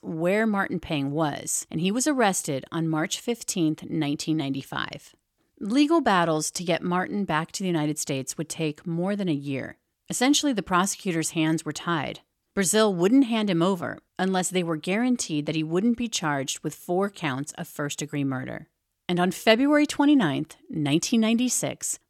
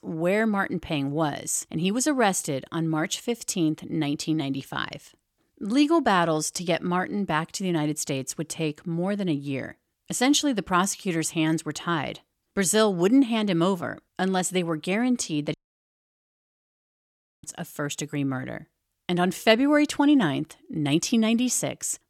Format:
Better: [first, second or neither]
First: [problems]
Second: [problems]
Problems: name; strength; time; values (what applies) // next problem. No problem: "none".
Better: first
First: none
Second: audio cutting out; at 16 s for 2 s